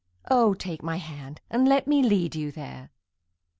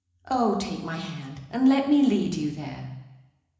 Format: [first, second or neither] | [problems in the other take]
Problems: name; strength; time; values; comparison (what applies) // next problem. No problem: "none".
first | room echo; dies away in 1 s